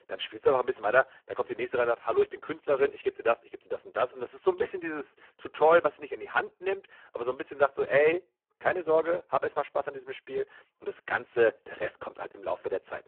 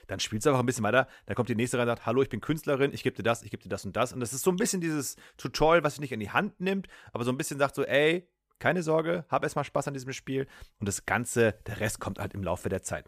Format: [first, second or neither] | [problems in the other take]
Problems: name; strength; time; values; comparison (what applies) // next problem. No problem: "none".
second | phone-call audio; poor line